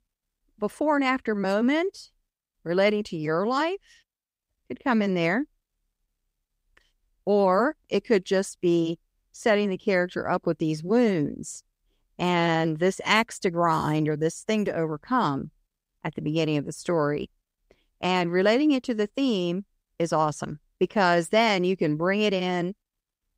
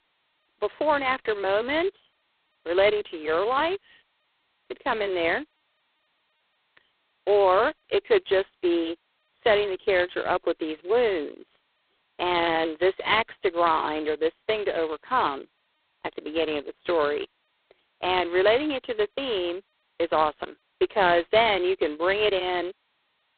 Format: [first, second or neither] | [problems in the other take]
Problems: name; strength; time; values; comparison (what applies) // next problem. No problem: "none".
first | phone-call audio; poor line; nothing above 4 kHz